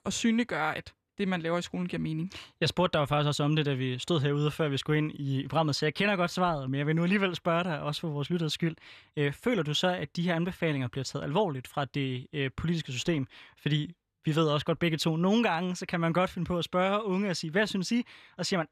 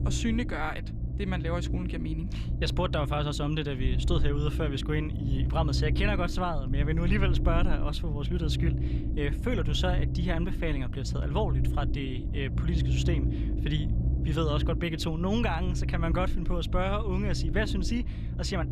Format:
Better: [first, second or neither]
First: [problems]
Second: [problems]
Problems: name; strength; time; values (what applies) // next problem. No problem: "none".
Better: first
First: none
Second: low rumble; loud; throughout; 9 dB below the speech